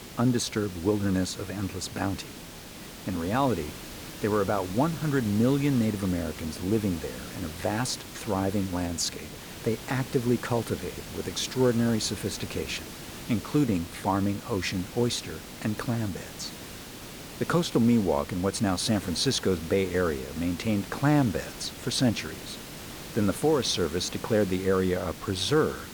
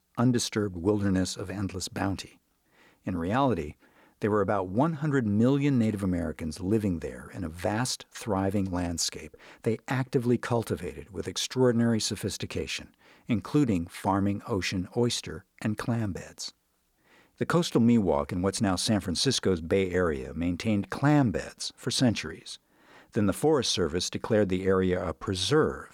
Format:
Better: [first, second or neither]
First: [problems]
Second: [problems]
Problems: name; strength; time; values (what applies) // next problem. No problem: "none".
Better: second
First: hiss; noticeable; throughout; 10 dB below the speech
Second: none